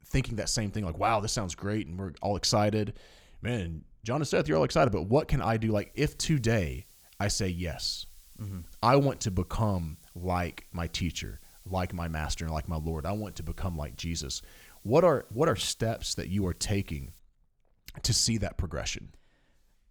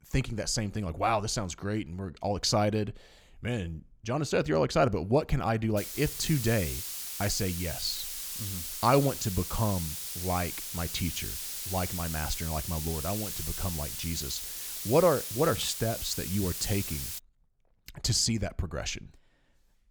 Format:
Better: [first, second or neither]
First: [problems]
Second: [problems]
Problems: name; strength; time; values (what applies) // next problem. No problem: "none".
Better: first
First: hiss; faint; from 6 to 17 s; 25 dB below the speech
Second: hiss; loud; from 6 to 17 s; 5 dB below the speech